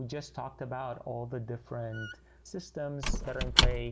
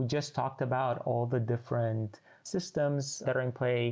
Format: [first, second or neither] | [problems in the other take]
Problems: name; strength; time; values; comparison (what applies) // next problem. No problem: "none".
second | background sound (Squeak / Wood); 4 dB above the speech